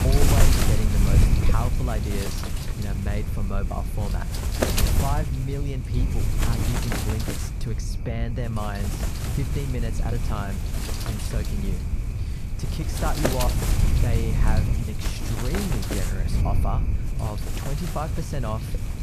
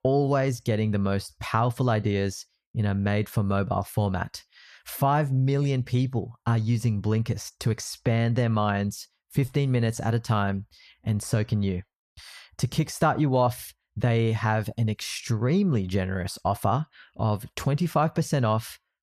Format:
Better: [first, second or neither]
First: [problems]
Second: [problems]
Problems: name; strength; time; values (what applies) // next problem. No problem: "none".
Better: second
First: wind noise on the microphone; heavy; 1 dB above the speech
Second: none